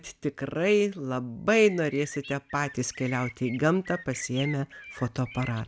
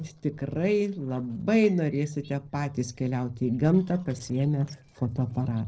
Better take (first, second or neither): first